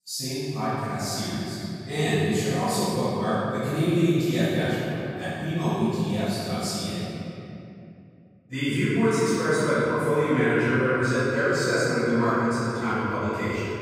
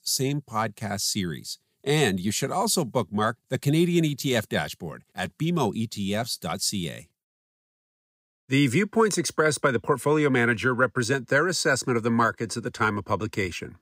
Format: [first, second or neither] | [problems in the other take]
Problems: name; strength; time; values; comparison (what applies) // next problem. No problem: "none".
second | off-mic speech; far // room echo; strong; dies away in 2.8 s